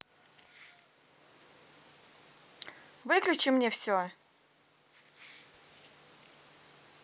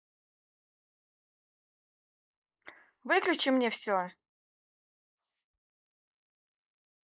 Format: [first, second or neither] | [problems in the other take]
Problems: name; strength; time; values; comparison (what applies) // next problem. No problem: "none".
first | noise reduction (neural mask model Resemble Enhance denoiser)